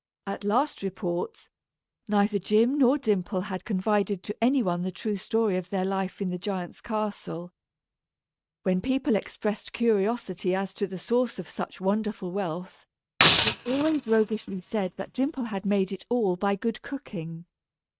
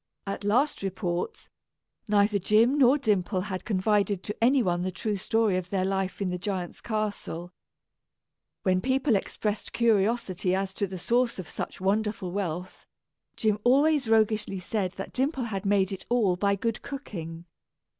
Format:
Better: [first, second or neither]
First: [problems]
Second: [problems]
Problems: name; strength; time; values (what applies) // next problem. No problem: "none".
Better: second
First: noise reduction (neural mask model RNNoise)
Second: none